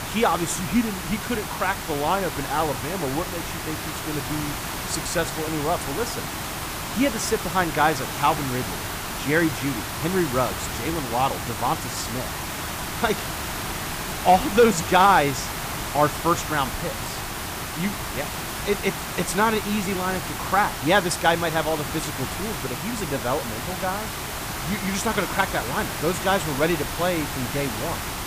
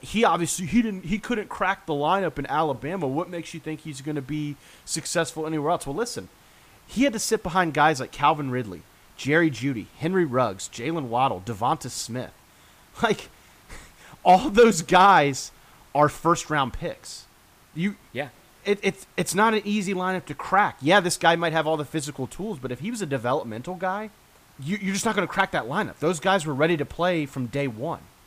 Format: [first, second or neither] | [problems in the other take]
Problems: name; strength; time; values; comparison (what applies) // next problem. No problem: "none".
second | hiss; loud; throughout; 4 dB below the speech; faint in the second